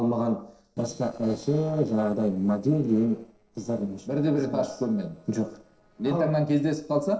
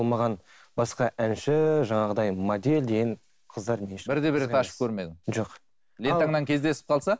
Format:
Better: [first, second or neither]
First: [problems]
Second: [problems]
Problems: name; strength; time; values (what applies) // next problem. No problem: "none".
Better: second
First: noise reduction (neural separator model SepFormer DNS4)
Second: none